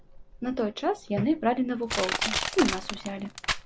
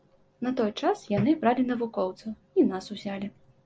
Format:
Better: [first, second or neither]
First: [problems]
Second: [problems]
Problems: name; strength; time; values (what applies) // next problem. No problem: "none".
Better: second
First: background sound (Crushing); 5 dB below the speech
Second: none